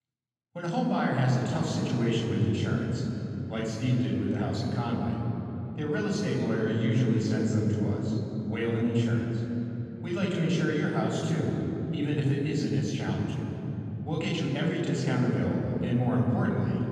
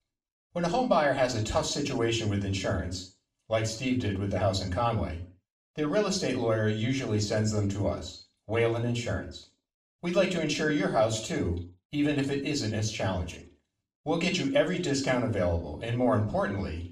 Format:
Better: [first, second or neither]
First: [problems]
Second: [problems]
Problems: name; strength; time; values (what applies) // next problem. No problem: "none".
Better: second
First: room echo; strong; dies away in 3 s // off-mic speech; far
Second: room echo; slight; dies away in 0.4 s // off-mic speech; far